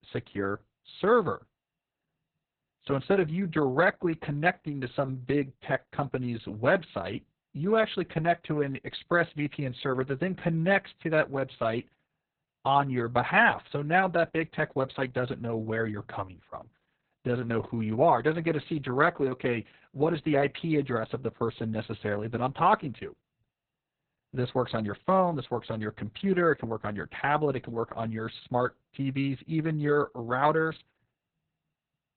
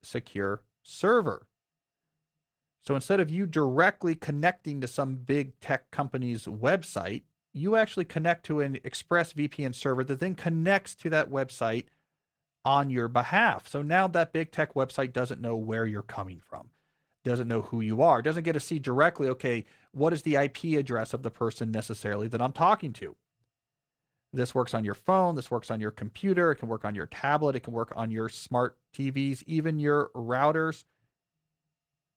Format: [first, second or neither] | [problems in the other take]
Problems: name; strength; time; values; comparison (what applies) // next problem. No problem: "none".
second | garbled, watery; badly; nothing above 4 kHz; slightly in the second